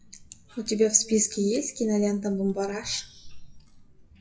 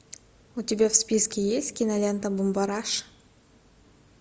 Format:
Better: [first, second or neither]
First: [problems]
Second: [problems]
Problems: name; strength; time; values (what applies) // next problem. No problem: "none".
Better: second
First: noise reduction (classical method WPE with log-MMSE)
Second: none